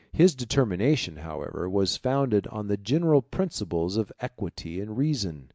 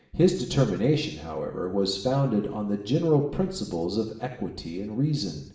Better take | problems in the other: first | room echo; dies away in 0.7 s

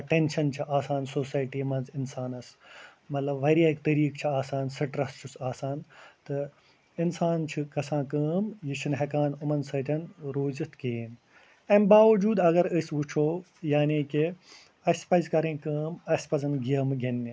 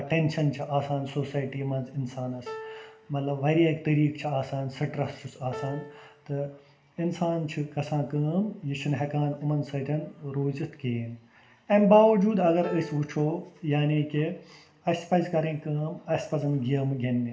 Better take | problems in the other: first | background sound (Piano); 16 dB below the speech // room echo; dies away in 0.9 s

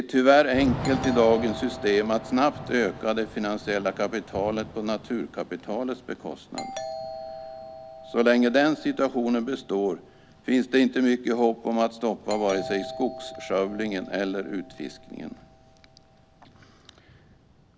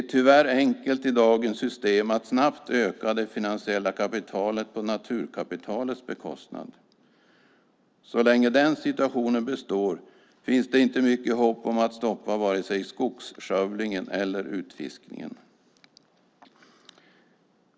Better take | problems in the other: second | background sound (Doorbell + Thunder / Rain); 13 dB below the speech

